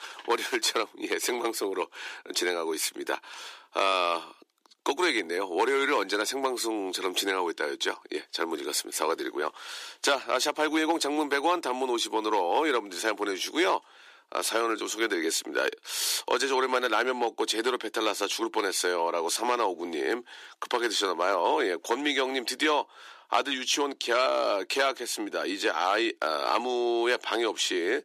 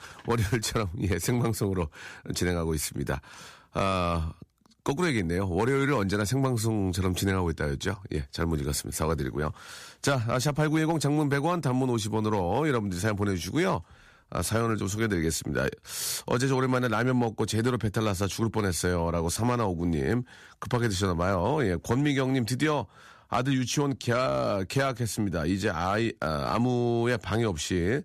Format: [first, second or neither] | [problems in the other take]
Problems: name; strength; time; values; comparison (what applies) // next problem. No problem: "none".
second | thin; very; fading below 350 Hz